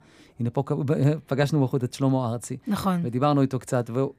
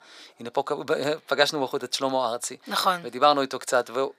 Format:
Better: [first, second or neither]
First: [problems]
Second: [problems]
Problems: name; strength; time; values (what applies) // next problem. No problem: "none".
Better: first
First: none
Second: thin; very; fading below 600 Hz